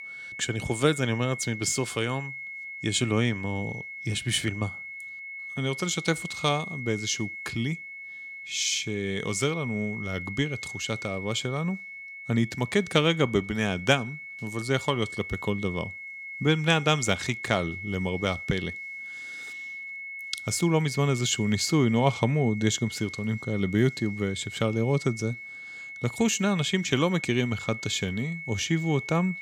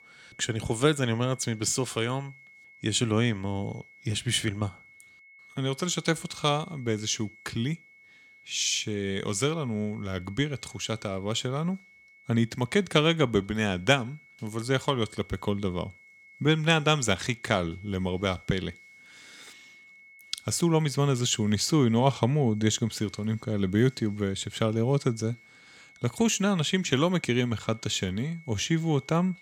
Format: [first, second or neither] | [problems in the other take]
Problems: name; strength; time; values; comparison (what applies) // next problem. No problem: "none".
second | high-pitched whine; loud; throughout; 2 kHz, 9 dB below the speech; faint in the second